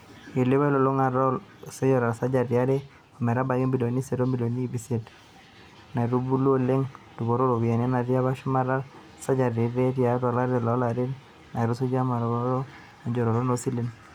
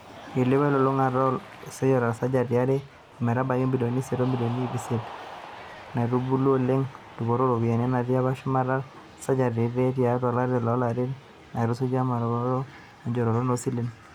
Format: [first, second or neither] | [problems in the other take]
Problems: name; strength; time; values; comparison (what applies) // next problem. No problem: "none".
first | background sound (Cheering); 20 dB below the speech